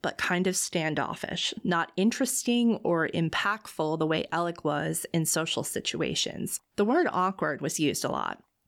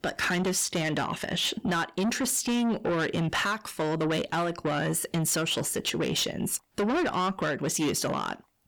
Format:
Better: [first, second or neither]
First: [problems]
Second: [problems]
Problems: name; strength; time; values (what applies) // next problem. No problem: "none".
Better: first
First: none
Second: distortion; heavy; 7 dB below the speech